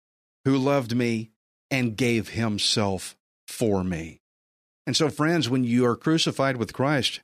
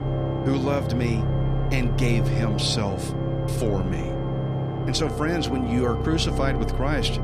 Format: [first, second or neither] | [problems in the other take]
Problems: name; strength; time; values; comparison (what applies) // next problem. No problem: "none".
first | background music; very loud; throughout; as loud as the speech